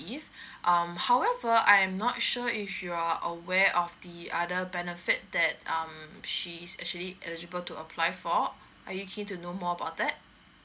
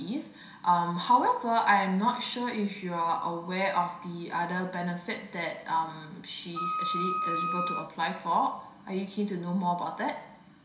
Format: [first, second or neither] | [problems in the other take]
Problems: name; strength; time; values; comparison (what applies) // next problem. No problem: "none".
first | background sound (Wind instrument, woodwind instrument); 2 dB below the speech // room echo; dies away in 0.7 s